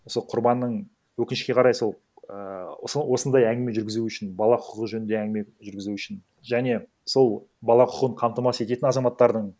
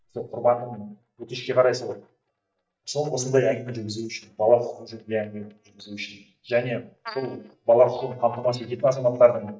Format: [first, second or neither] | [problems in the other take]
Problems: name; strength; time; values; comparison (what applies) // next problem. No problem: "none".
first | noise reduction (neural mask model DeepFilterNet 3)